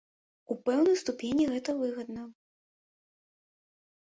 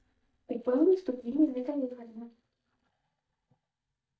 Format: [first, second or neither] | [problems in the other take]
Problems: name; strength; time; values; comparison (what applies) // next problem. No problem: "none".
first | noise reduction (neural mask model DeepFilterNet 3)